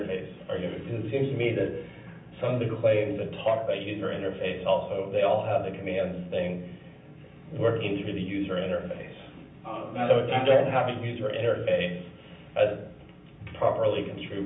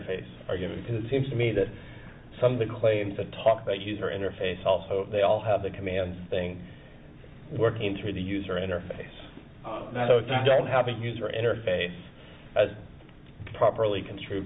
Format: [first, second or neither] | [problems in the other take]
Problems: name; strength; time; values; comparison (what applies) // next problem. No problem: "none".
second | room echo; dies away in 0.6 s